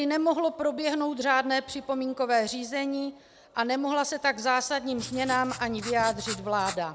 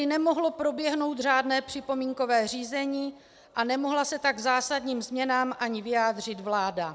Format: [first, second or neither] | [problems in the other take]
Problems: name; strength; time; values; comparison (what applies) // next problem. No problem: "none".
second | background sound (Writing); 12 dB below the speech